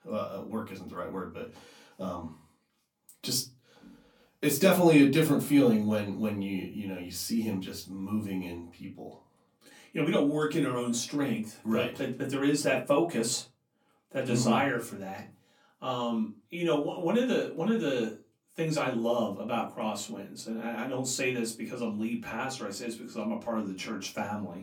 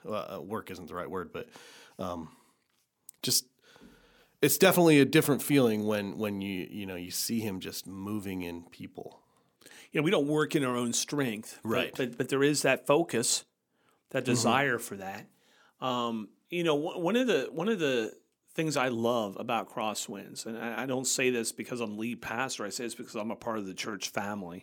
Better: second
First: off-mic speech; far // room echo; very slight; dies away in 0.3 s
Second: none

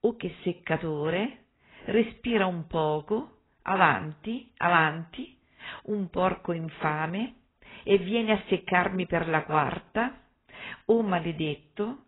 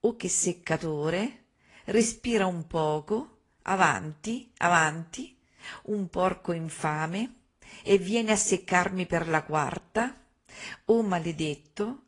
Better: second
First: garbled, watery; badly; nothing above 3 kHz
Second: garbled, watery; slightly

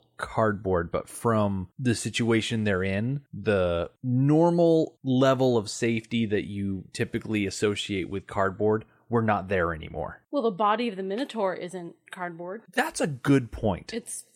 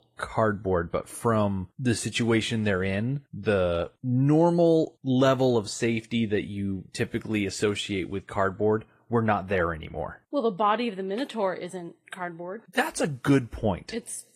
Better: first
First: none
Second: garbled, watery; slightly; nothing above 13.5 kHz

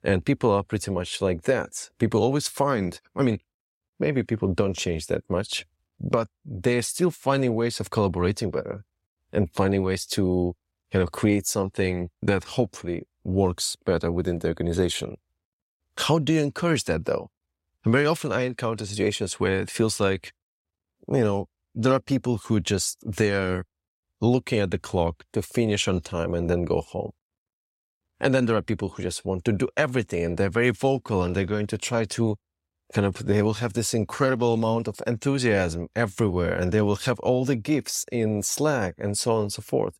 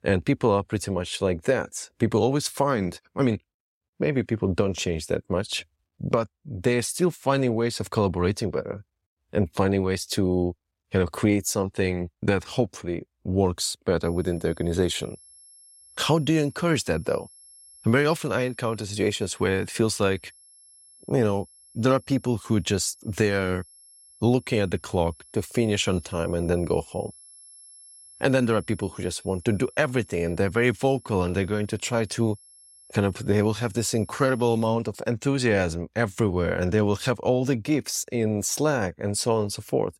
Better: first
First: none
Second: high-pitched whine; faint; from 14 to 35 s; 11 kHz, 25 dB below the speech

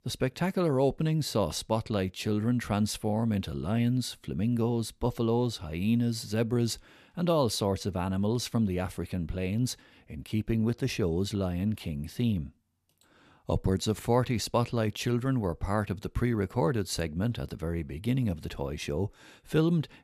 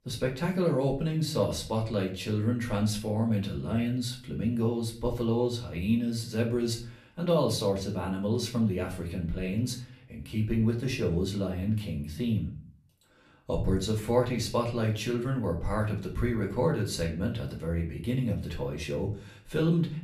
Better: first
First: none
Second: room echo; slight; dies away in 0.4 s // off-mic speech; far

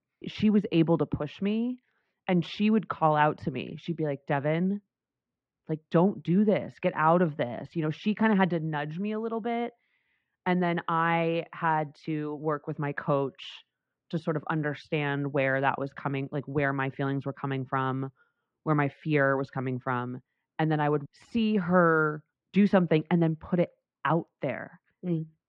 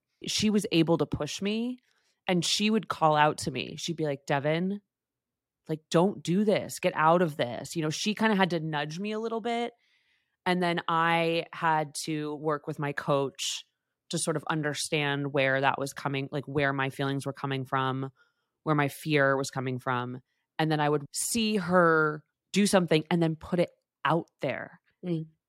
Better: second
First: muffled; very; fading above 2.5 kHz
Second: none

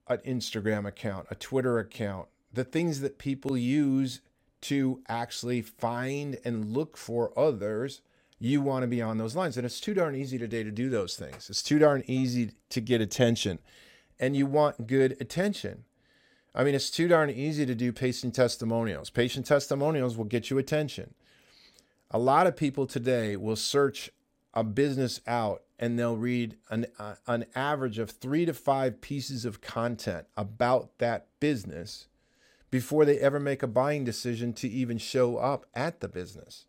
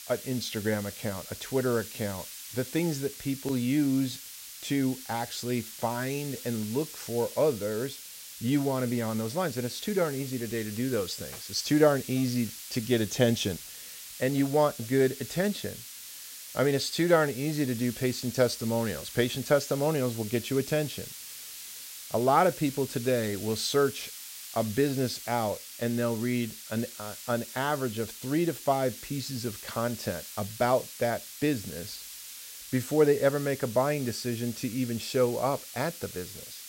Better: first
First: none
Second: hiss; noticeable; throughout; 10 dB below the speech

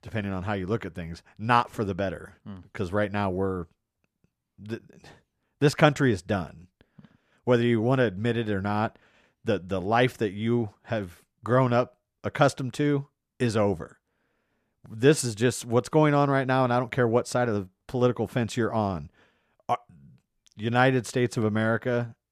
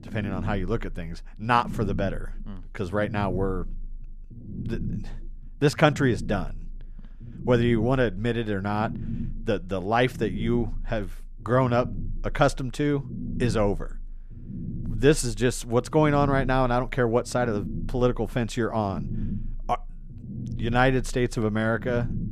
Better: first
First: none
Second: low rumble; noticeable; throughout; 20 dB below the speech

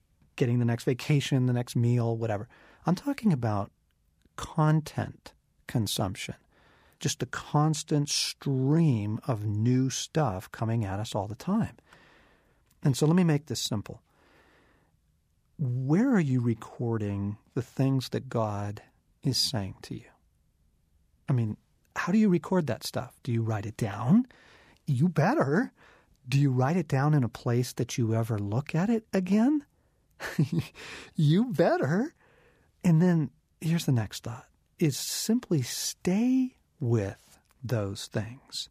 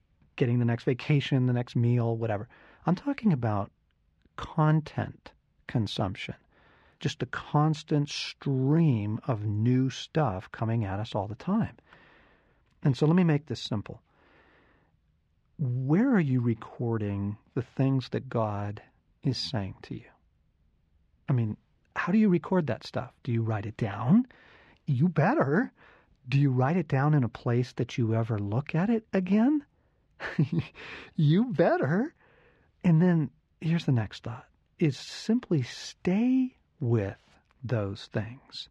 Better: first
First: none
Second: muffled; slightly; fading above 3 kHz

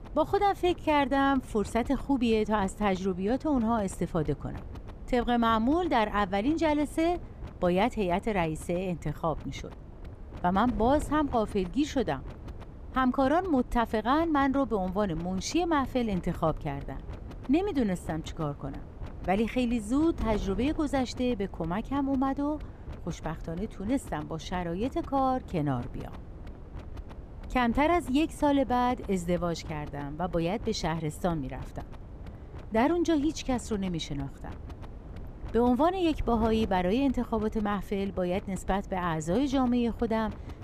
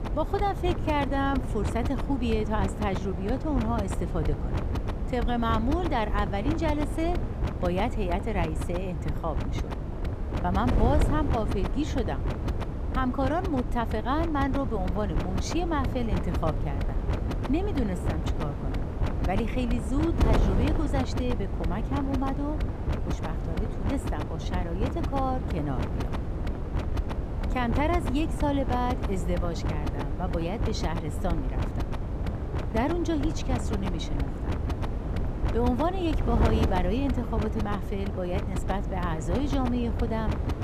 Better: first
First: wind noise on the microphone; occasional gusts; 20 dB below the speech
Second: wind noise on the microphone; heavy; 6 dB below the speech

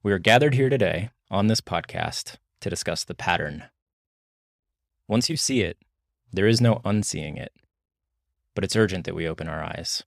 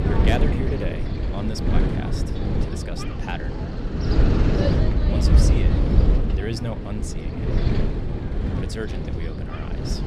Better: first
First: none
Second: wind noise on the microphone; heavy; 3 dB above the speech

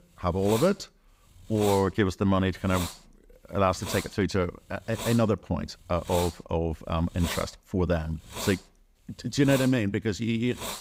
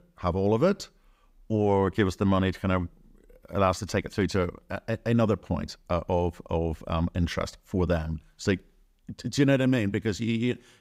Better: second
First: hiss; noticeable; throughout; 10 dB below the speech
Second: none

